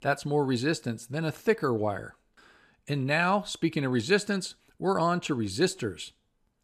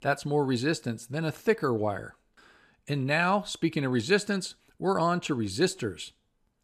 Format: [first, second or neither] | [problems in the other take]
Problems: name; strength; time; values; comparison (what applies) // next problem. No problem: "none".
neither | none